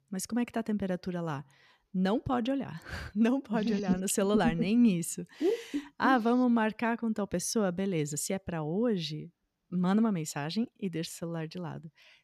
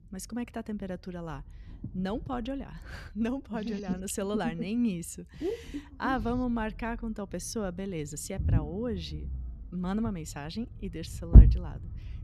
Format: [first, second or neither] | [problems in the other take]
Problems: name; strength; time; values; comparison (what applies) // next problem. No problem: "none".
first | low rumble; loud; throughout; 4 dB below the speech